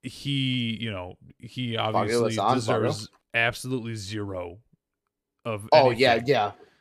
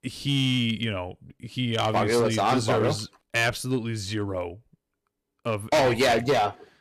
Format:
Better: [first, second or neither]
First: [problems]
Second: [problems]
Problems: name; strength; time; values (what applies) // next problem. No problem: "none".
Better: first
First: none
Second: distortion; heavy; 7% of the sound clipped